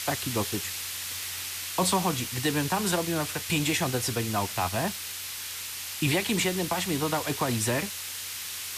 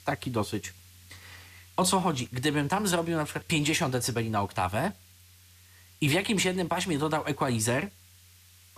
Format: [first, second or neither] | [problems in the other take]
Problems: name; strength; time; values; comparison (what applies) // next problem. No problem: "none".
second | hiss; loud; throughout; 4 dB below the speech; faint in the second